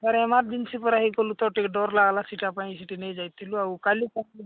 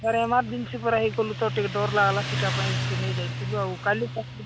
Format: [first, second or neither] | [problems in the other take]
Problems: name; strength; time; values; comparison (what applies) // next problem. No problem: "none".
first | background sound (Motorcycle); 4 dB below the speech